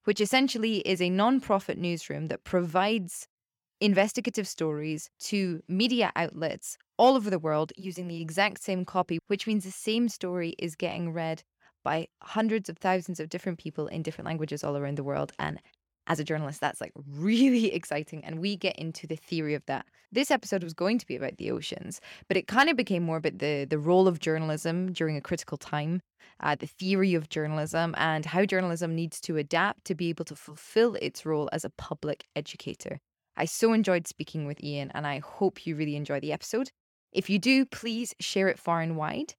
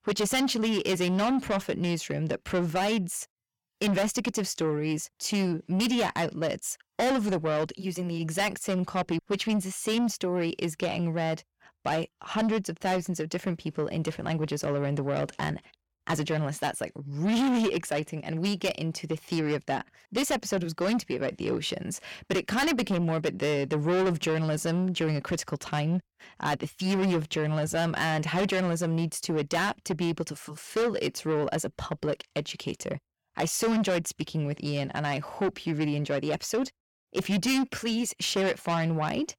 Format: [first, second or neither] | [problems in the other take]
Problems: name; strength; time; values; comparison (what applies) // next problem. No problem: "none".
first | distortion; heavy; 6 dB below the speech